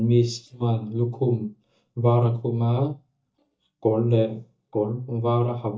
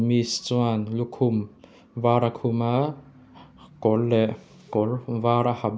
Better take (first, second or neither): second